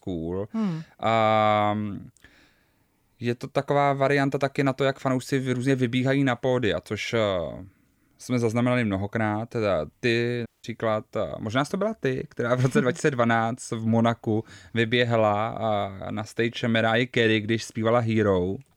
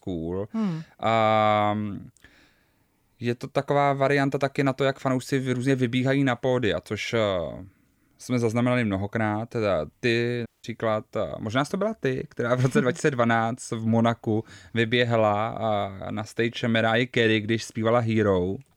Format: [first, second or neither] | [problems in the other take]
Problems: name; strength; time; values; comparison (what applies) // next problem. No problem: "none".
neither | audio cutting out; at 10 s; the same in both